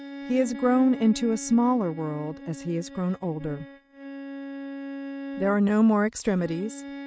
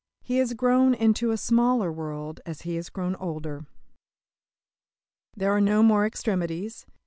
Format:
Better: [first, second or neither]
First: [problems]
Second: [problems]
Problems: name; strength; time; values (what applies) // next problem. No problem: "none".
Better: second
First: noise reduction (neural mask model RNNoise)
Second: none